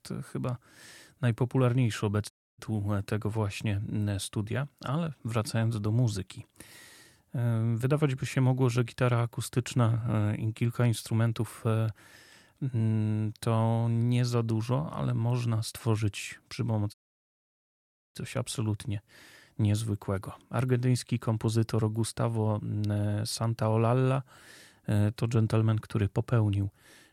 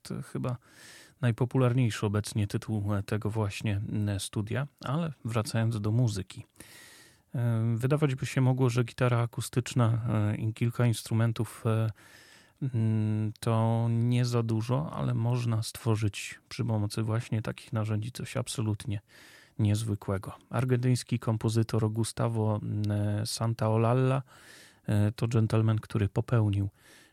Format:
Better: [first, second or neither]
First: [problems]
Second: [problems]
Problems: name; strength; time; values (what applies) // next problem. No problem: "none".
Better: second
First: audio cutting out; at 2.5 s and at 17 s for 1 s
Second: none